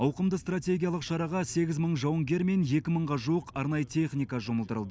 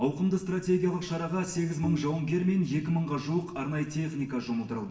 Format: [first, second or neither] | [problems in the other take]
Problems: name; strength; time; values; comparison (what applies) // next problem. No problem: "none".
first | background sound (Bowed string instrument); 11 dB below the speech // room echo; dies away in 1 s